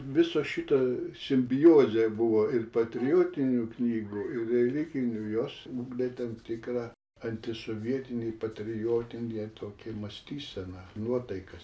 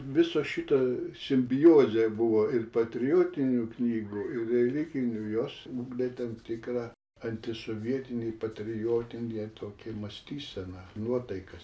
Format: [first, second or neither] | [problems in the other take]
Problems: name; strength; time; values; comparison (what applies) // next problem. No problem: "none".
second | background sound (Bowed string instrument); 18 dB below the speech